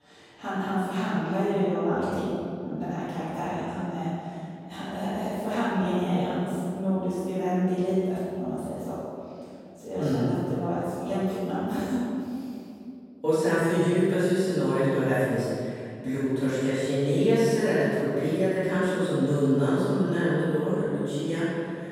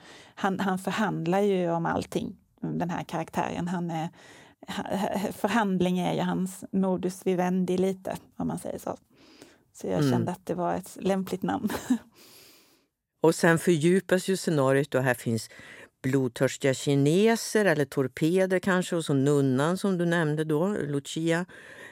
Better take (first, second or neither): second